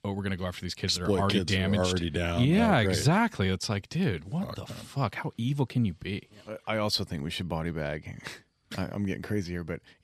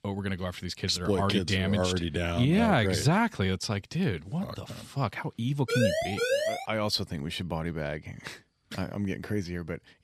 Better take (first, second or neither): first